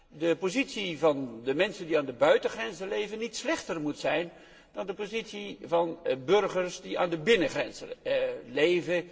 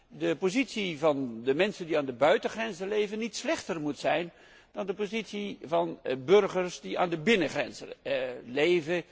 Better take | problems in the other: second | room echo; dies away in 0.8 s

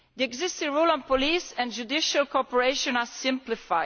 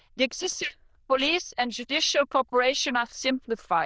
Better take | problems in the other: first | noise reduction (neural diffusion model UNIVERSE++)

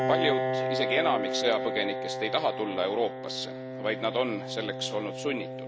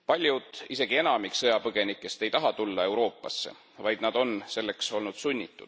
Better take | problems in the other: second | background sound (Piano); 2 dB below the speech

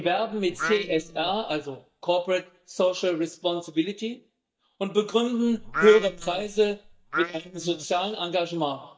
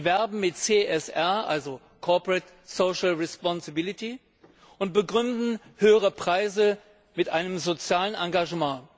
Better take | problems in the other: second | noise reduction (neural mask model DeepFilterNet 3)

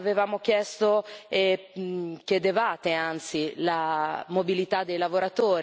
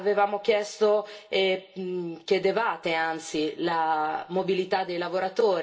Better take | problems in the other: first | room echo; dies away in 0.2 s

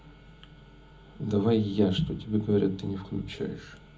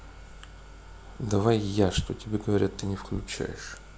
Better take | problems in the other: second | room echo; dies away in 0.4 s

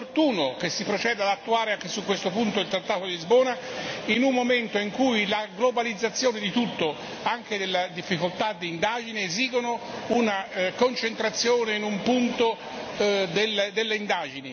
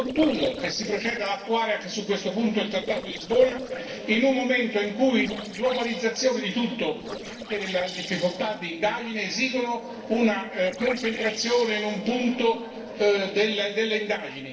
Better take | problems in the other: first | noise reduction (neural separator model SepFormer DNS4)

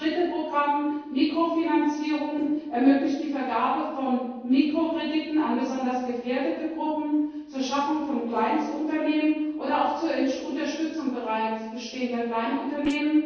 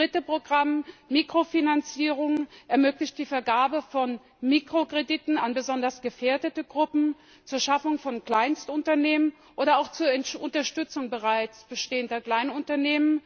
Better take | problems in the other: second | noise reduction (neural separator model SepFormer DNS4)

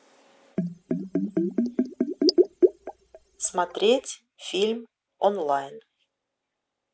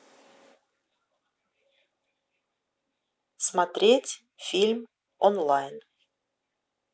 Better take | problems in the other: second | background sound (Bathtub (filling or washing)); 4 dB above the speech

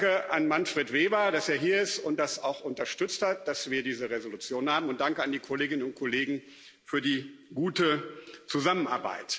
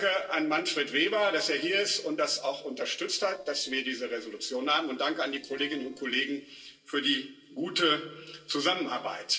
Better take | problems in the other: first | noise reduction (neural separator model SepFormer DNS4)

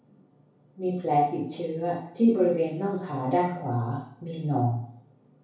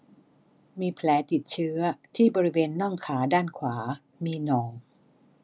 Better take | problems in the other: second | room echo; dies away in 0.6 s

